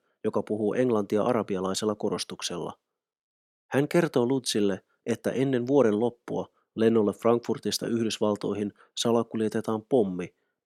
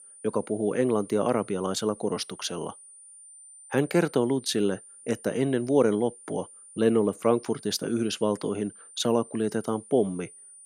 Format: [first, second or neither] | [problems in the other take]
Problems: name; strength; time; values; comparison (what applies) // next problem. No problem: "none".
first | high-pitched whine; noticeable; throughout; 9 kHz, 20 dB below the speech